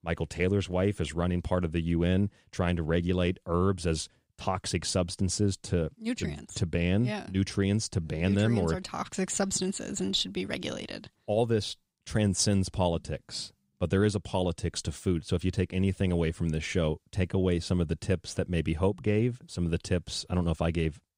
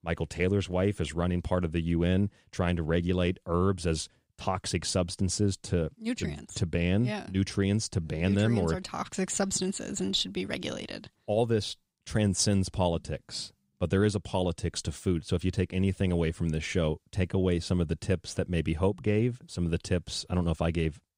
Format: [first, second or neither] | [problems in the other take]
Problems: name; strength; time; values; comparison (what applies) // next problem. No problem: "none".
neither | none